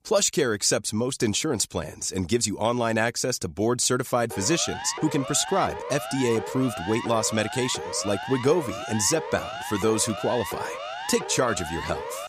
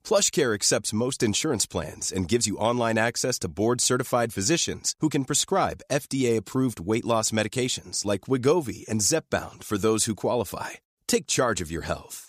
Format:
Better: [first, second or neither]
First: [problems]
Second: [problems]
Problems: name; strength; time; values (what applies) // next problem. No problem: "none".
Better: second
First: siren; noticeable; from 4.5 s on; peak 8 dB below the speech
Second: none